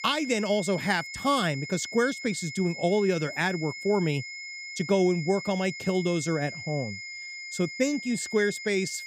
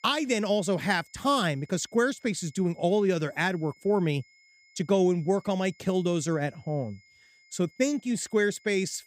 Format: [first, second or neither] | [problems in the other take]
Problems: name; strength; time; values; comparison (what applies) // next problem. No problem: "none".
second | high-pitched whine; loud; throughout; 2 kHz, 9 dB below the speech; faint in the second